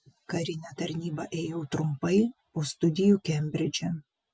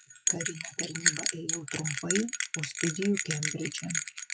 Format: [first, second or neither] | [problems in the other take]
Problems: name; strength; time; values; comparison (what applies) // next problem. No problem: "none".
first | noise reduction (classical method log-MMSE)